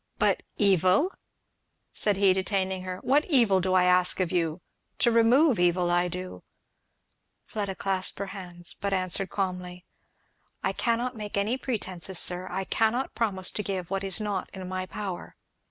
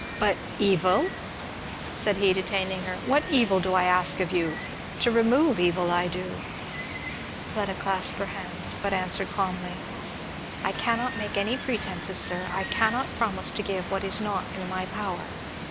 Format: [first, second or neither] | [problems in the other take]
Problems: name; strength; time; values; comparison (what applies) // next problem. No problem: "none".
first | background sound (Water); 7 dB below the speech